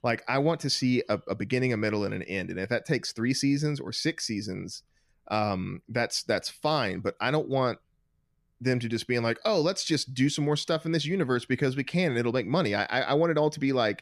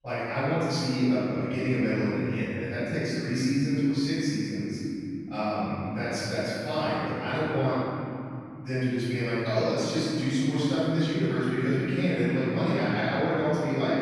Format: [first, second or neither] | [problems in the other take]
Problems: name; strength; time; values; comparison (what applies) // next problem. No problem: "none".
first | off-mic speech; far // room echo; strong; dies away in 3 s